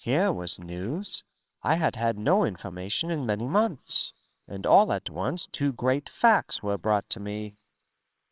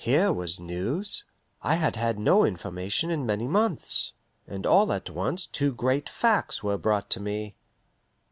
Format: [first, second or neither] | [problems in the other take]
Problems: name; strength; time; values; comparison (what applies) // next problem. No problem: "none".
second | noise reduction (neural separator model SepFormer WHAMR!)